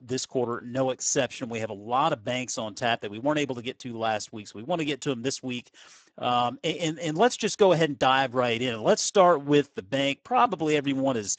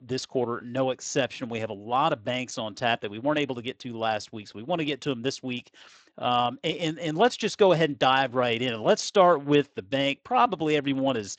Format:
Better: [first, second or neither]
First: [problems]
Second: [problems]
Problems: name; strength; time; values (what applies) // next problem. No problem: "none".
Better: second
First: garbled, watery; badly; nothing above 7.5 kHz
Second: garbled, watery; slightly; nothing above 7.5 kHz